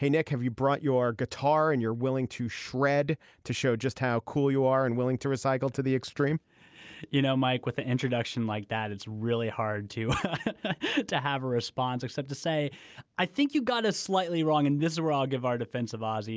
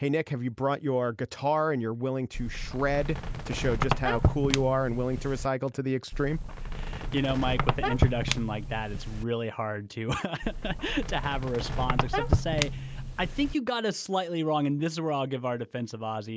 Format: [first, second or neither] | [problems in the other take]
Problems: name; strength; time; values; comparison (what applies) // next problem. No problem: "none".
first | background sound (Squeak); as loud as the speech